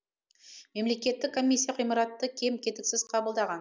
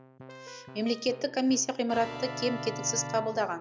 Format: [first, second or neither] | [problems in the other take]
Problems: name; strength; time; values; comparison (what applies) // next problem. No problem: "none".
first | background sound (Keyboard (musical)); 11 dB below the speech